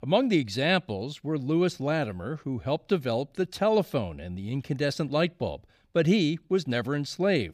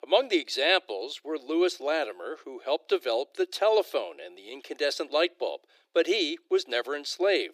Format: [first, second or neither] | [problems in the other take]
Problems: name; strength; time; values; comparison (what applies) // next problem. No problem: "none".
first | thin; very; fading below 350 Hz